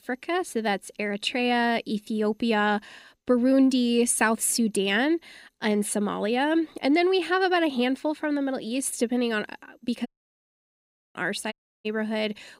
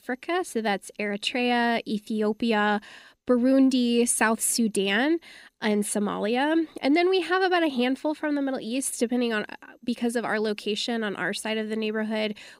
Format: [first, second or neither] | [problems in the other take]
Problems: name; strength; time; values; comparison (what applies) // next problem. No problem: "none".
second | audio cutting out; at 10 s for 1 s and at 12 s